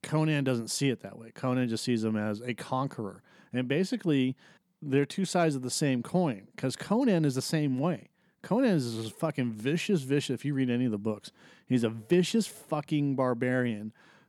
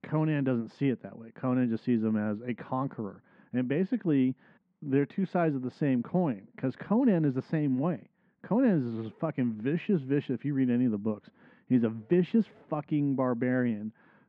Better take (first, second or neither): first